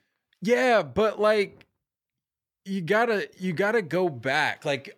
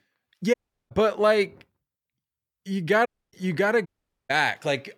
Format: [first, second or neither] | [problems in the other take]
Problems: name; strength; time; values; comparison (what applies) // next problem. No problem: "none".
first | audio cutting out; at 0.5 s, at 3 s and at 4 s